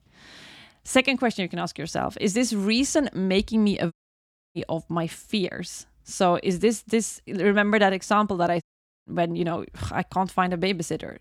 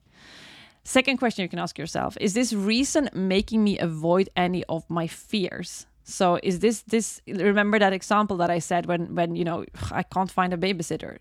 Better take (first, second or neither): second